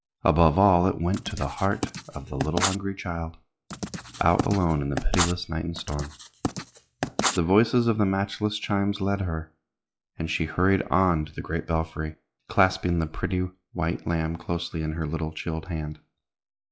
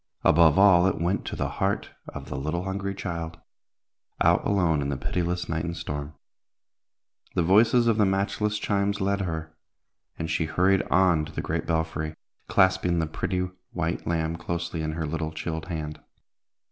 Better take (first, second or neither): second